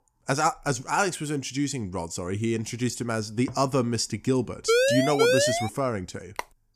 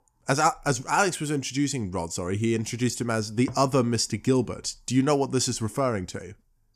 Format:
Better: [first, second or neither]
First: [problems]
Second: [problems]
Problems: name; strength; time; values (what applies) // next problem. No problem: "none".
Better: second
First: siren; loud; from 4.5 to 5.5 s; peak 6 dB above the speech // phone ringing; very faint; at 6.5 s; peak 10 dB below the speech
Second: none